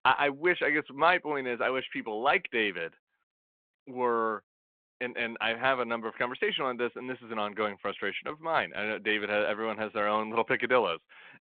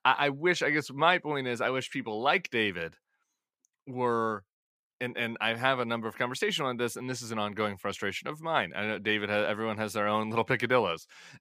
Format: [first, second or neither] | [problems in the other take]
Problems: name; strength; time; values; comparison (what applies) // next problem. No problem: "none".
second | phone-call audio